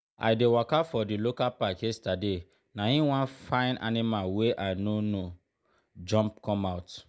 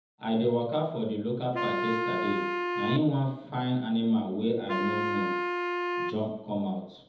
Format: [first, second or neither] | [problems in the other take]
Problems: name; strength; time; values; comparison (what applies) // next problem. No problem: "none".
first | background sound (Wind instrument, woodwind instrument); 3 dB below the speech // room echo; dies away in 1 s